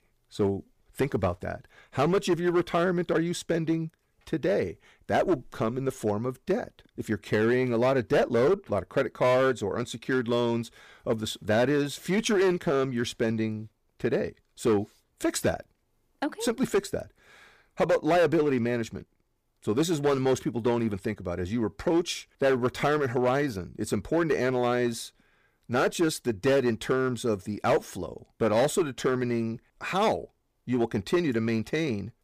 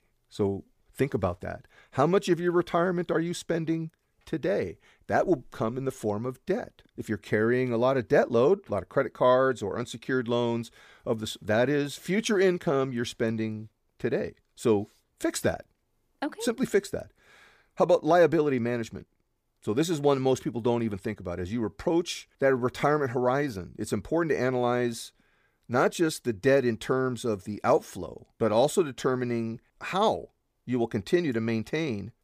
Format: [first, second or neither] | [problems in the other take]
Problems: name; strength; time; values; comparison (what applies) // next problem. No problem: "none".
second | distortion; slight; 6% of the sound clipped